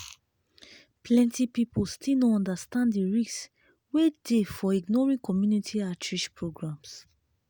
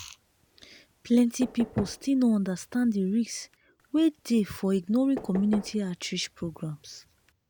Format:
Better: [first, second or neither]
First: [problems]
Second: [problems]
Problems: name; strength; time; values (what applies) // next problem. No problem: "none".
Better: first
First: none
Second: background sound (Knock / Wood); 17 dB below the speech